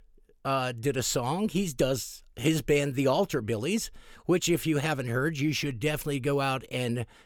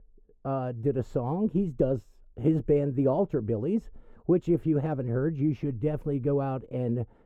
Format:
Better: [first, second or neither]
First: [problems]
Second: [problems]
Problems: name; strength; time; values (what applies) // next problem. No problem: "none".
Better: first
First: none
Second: muffled; very; fading above 1.5 kHz